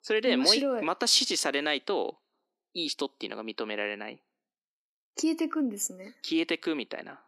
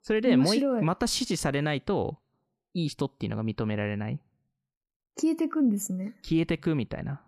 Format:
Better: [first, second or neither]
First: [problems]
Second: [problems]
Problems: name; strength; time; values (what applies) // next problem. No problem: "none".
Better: second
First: thin; somewhat; fading below 300 Hz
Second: none